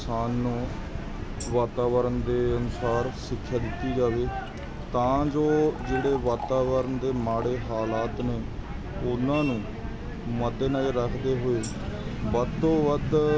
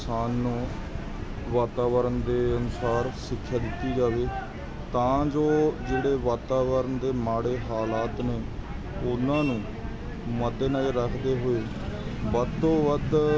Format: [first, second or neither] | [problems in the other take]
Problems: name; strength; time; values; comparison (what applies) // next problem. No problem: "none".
second | background sound (Liquid + Tambourine); 19 dB below the speech